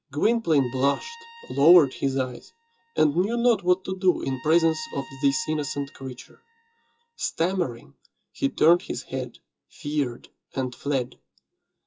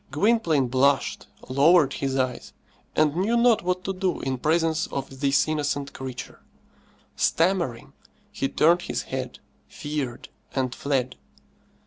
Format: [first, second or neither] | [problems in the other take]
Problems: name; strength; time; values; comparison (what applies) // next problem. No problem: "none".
second | noise reduction (classical method WPE with log-MMSE)